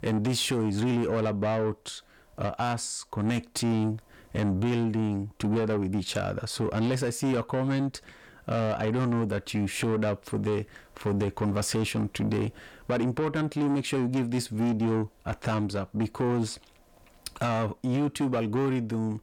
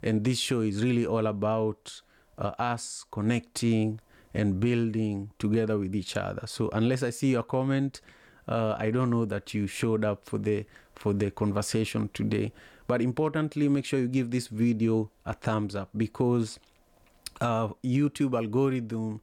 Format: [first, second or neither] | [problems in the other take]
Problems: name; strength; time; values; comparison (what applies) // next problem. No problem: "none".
second | distortion; slight; 10 dB below the speech